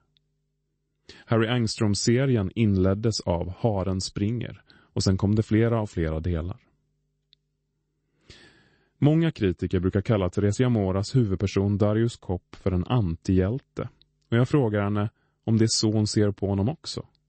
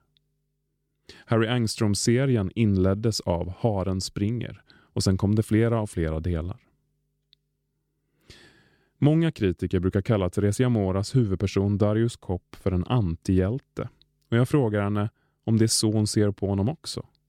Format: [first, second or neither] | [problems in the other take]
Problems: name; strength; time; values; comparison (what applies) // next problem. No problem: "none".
second | garbled, watery; slightly; nothing above 8 kHz